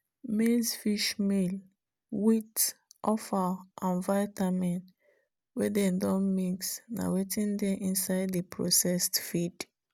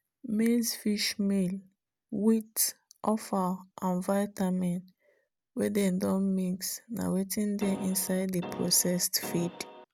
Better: first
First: none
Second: background sound (Keyboard (musical)); 11 dB below the speech

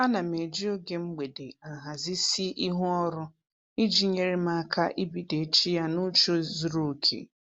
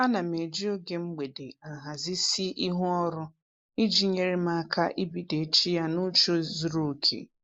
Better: first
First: none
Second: noise reduction (neural mask model Resemble Enhance denoiser)

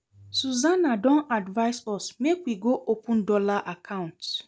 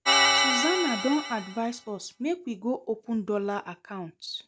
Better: first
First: none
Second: background sound (Organ); 4 dB above the speech

